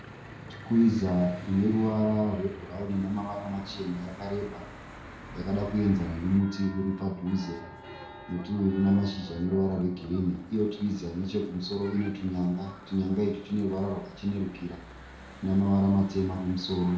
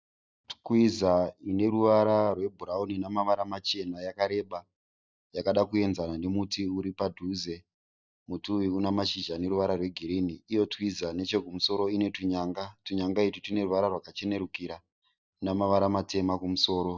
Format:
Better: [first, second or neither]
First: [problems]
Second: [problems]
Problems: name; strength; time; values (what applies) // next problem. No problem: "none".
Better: second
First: background sound (Church bell / Traffic noise, roadway noise); 16 dB below the speech // room echo; dies away in 0.5 s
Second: none